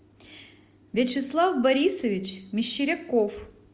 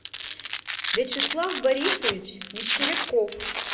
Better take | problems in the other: first | background sound (Domestic sounds, home sounds); 1 dB below the speech // room echo; dies away in 0.9 s

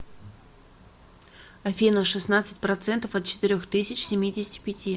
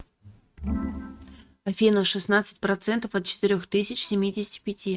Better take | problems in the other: first | noise reduction (neural mask model RNNoise)

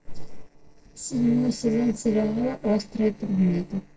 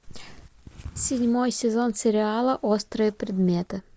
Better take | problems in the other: second | noise reduction (neural separator model SepFormer DNS4)

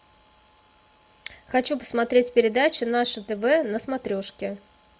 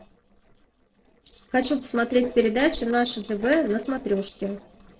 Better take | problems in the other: first | noise reduction (neural separator model SepFormer DNS4)

